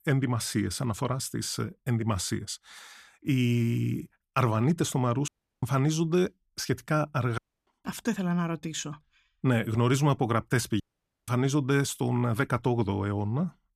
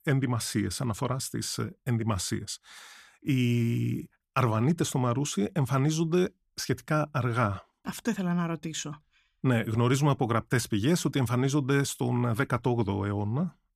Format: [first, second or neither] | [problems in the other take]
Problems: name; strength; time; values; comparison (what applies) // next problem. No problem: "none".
second | audio cutting out; at 5.5 s, at 7.5 s and at 11 s